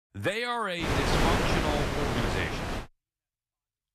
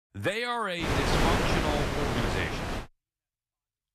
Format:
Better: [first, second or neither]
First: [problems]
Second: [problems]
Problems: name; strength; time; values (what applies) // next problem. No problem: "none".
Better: neither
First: wind noise on the microphone; heavy; from 1 to 3 s; 2 dB above the speech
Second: wind noise on the microphone; heavy; from 1 to 3 s; 2 dB above the speech